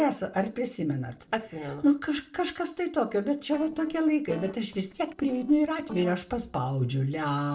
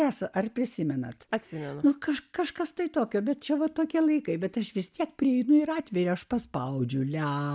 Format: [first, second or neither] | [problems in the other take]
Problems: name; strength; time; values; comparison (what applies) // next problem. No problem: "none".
second | noise reduction (neural separator model SepFormer DNS4)